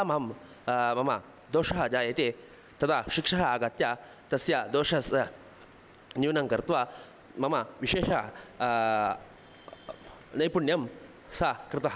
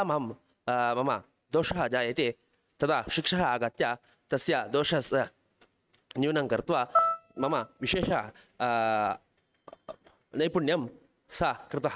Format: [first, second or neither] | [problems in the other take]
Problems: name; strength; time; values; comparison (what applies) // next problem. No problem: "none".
first | noise reduction (neural mask model RNNoise)